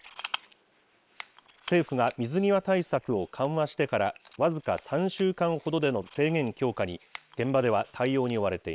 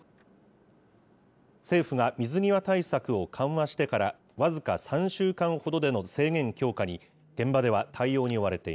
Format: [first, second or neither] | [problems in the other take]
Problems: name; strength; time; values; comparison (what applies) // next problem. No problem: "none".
second | noise reduction (neural separator model SepFormer WHAM!)